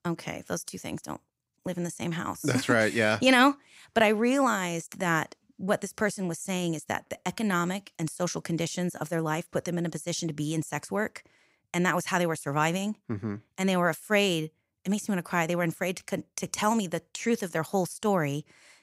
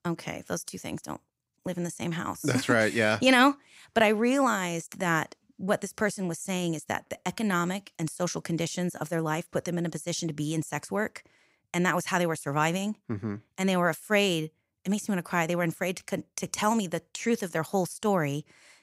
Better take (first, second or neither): neither